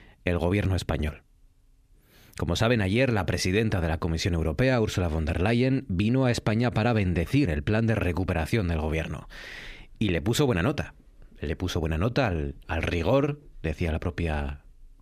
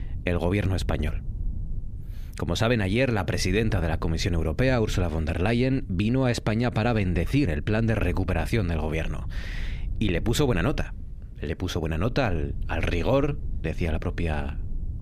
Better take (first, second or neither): first